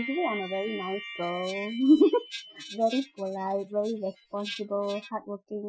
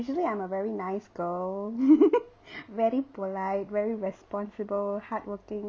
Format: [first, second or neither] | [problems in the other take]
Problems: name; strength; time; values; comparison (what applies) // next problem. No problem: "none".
second | noise reduction (classical method Wiener filter)